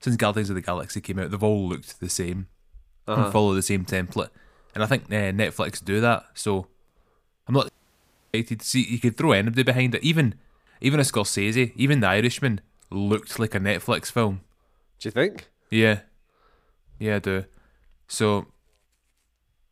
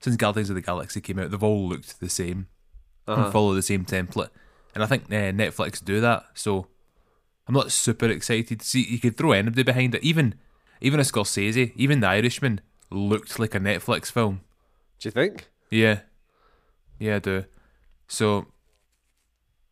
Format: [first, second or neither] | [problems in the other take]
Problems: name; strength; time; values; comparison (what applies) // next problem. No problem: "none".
second | audio cutting out; at 7.5 s for 0.5 s